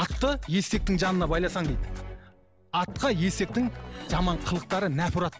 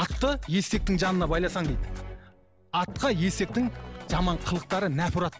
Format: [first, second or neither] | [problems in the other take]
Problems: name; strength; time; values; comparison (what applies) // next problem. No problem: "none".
second | background sound (Cough); 20 dB below the speech